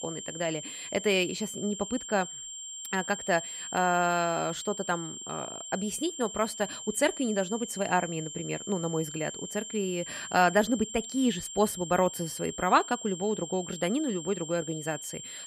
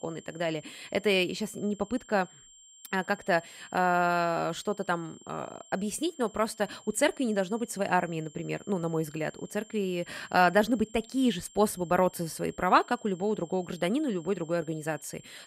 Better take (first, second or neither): second